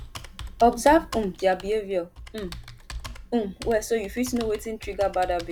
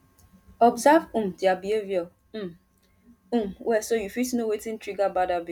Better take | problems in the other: second | background sound (Computer keyboard); 14 dB below the speech

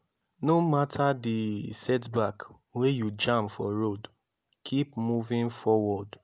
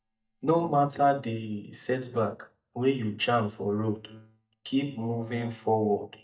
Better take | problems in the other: first | noise reduction (neural mask model DeepFilterNet 3)

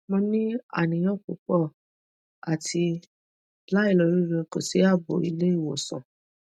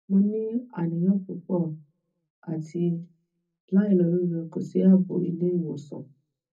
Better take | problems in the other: first | room echo; dies away in 0.3 s

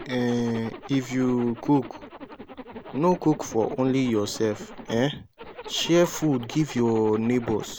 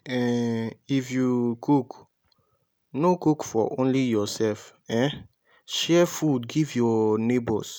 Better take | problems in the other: second | background sound (Zipper (clothing)); 15 dB below the speech

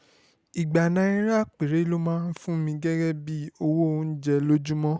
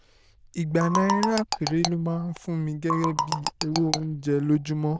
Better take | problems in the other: first | noise reduction (neural diffusion model UNIVERSE++)

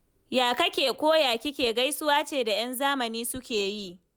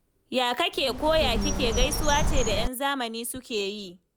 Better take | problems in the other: first | background sound (Bird); 2 dB above the speech

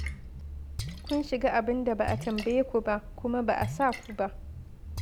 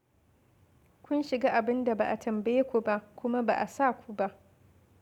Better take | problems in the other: second | background sound (Splash, splatter); 9 dB below the speech

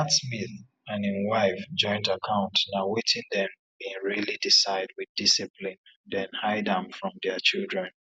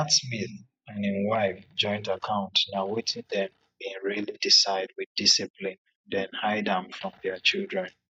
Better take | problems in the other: first | noise reduction (neural mask model DeepFilterNet 3)

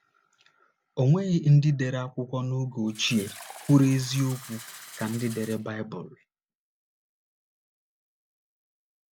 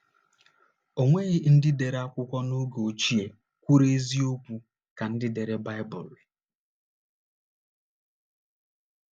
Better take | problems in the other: second | background sound (Fill (with liquid)); 17 dB below the speech

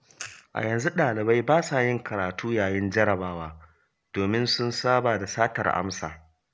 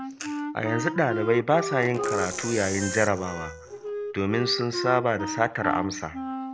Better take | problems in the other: first | background sound (Wind instrument, woodwind instrument + Percussion); 6 dB below the speech

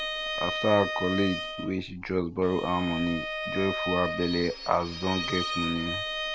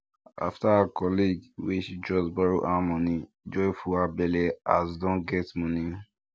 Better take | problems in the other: second | background sound (Bowed string instrument); 4 dB below the speech

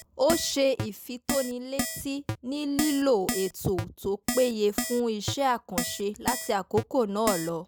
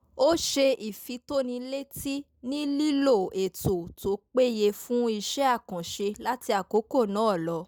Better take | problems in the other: second | background sound (Keyboard (musical)); 7 dB below the speech

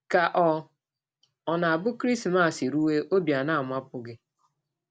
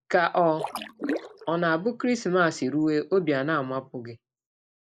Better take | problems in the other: first | noise reduction (neural mask model Resemble Enhance denoiser)

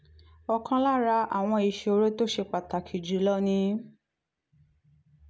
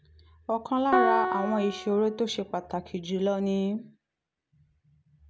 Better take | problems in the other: first | background sound (Piano); 2 dB below the speech

